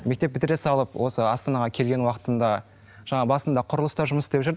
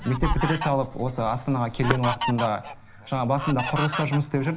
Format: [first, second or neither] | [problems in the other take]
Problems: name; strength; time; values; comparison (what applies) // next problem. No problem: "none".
first | background sound (Fowl); 5 dB below the speech // room echo; dies away in 0.4 s